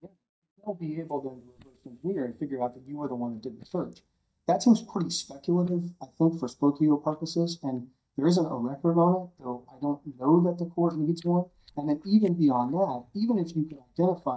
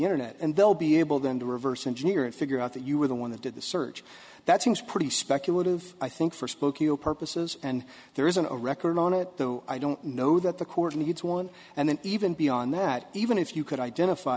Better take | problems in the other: second | noise reduction (neural mask model DeepFilterNet 3)

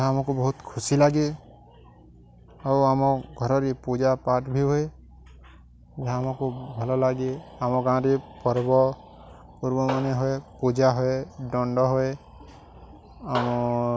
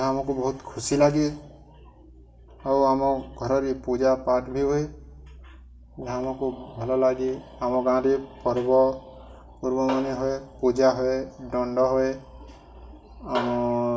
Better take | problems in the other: first | room echo; dies away in 0.6 s

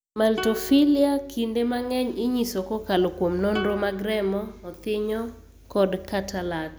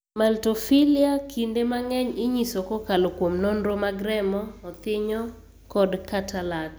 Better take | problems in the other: second | background sound (Plucked string instrument); 16 dB below the speech

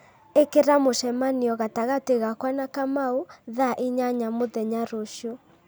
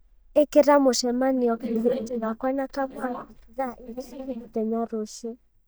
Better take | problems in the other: first | noise reduction (neural mask model DeepFilterNet 3)

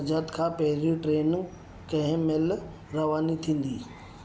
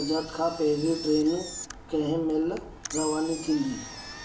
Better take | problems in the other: first | background sound (Engine); 12 dB below the speech // room echo; dies away in 0.3 s

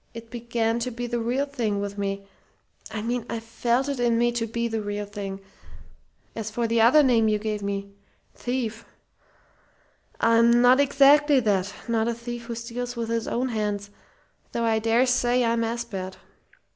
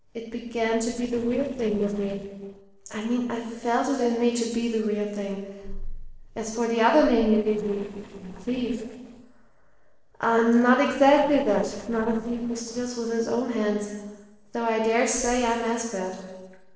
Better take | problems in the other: first | noise reduction (neural separator model SepFormer DNS4)

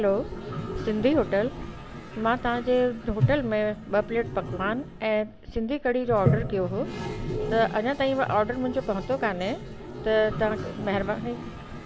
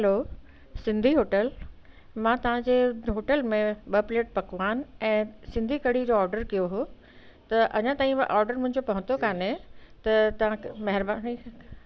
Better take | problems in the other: second | background sound (Toilet flush); 6 dB below the speech

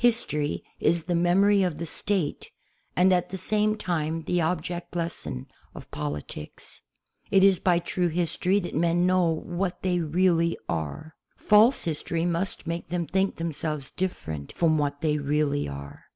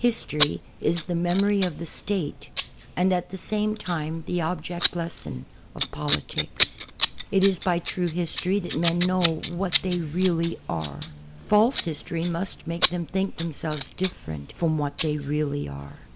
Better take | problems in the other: first | background sound (Scissors); 8 dB below the speech

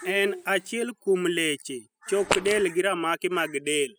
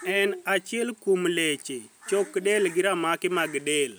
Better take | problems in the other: second | noise reduction (classical method spectral subtraction)

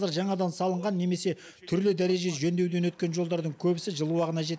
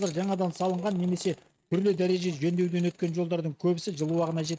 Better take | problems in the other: first | noise reduction (neural mask model RNNoise)

